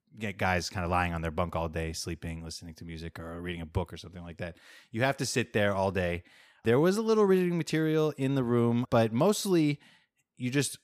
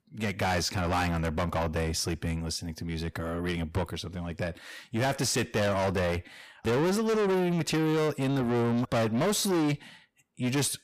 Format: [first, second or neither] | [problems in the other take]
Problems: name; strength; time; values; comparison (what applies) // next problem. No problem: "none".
first | distortion; heavy; 6 dB below the speech